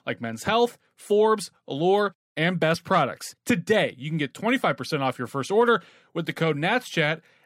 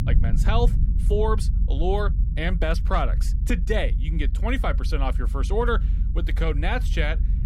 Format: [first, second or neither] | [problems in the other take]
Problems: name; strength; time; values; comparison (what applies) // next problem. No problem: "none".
first | low rumble; noticeable; throughout; 15 dB below the speech